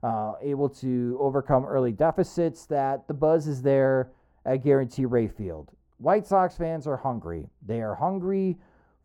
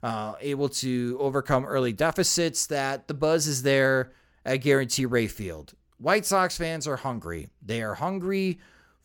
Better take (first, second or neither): second